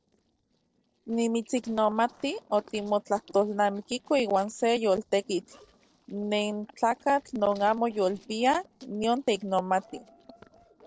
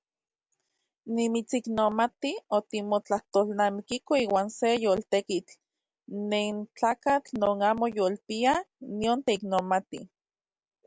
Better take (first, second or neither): second